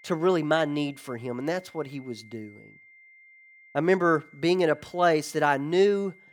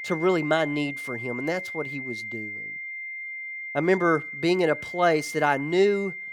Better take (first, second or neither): first